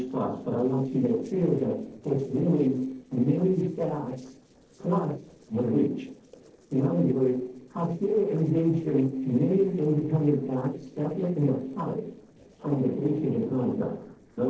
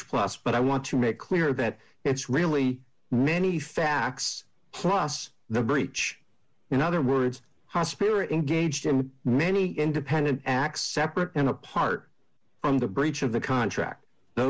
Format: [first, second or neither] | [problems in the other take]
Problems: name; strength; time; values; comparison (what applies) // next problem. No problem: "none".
second | noise reduction (neural separator model SepFormer DNS4)